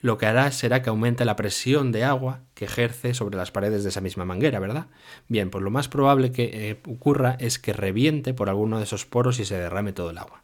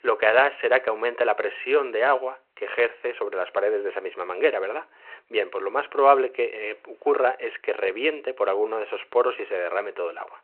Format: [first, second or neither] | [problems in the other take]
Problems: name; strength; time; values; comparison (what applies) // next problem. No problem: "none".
first | phone-call audio